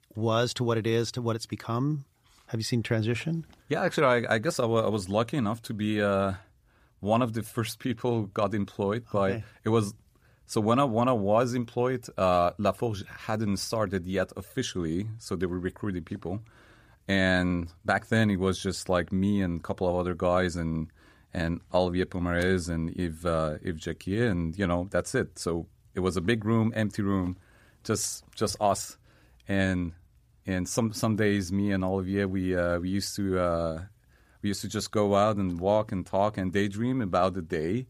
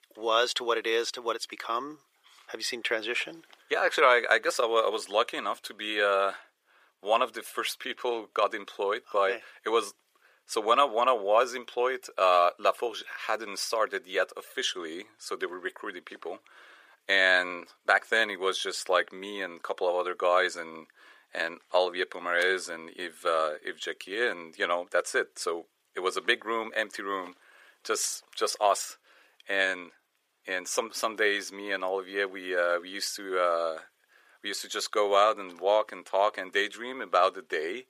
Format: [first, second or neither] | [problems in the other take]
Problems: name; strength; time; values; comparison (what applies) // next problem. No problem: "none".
first | thin; very; fading below 400 Hz